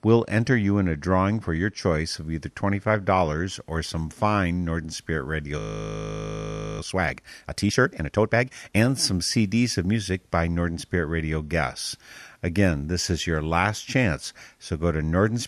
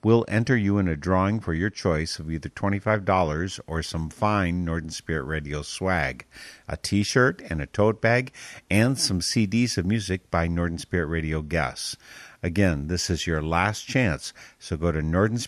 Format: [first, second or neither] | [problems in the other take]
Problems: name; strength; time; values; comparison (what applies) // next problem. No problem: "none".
second | audio freezing; at 5.5 s for 1 s